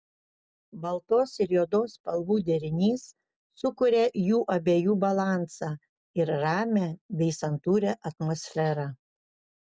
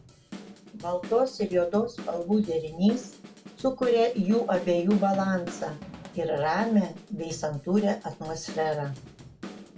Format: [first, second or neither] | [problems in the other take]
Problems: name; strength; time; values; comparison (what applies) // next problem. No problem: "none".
first | background sound (Drum / Drum kit); 16 dB below the speech // room echo; dies away in 0.2 s